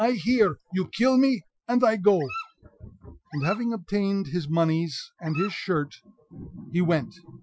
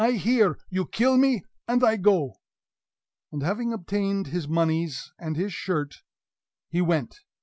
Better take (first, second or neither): second